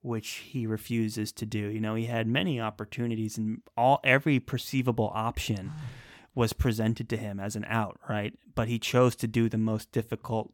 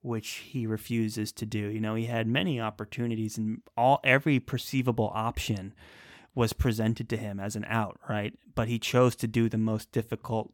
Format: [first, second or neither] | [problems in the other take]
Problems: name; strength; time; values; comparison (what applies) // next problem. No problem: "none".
second | phone ringing; faint; at 5.5 s; peak 10 dB below the speech